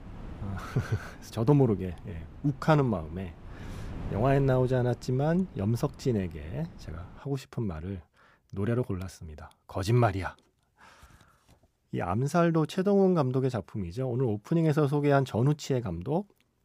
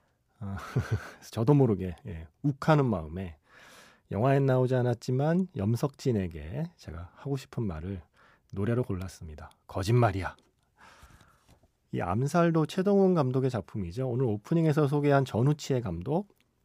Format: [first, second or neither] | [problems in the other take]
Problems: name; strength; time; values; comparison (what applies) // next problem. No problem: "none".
second | wind noise on the microphone; occasional gusts; until 7 s; 20 dB below the speech